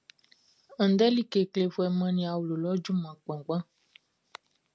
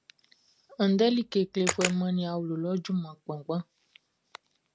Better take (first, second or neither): first